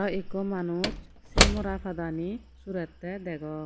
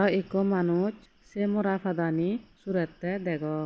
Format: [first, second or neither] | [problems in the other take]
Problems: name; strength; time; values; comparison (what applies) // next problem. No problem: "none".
second | background sound (Slam / Wood); 2 dB above the speech